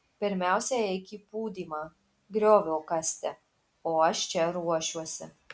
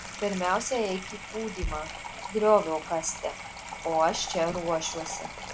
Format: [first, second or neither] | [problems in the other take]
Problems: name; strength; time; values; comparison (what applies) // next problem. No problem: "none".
first | background sound (Sink (filling or washing) / Water tap, faucet); 9 dB below the speech